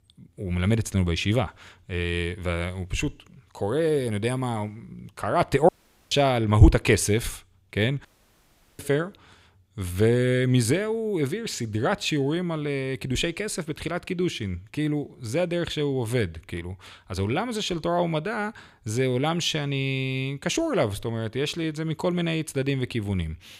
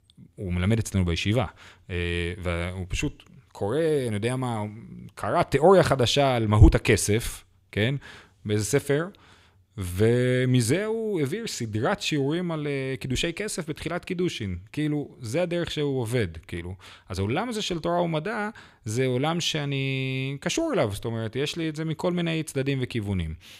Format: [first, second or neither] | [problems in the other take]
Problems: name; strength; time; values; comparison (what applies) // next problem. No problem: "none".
second | audio cutting out; at 5.5 s and at 8 s for 0.5 s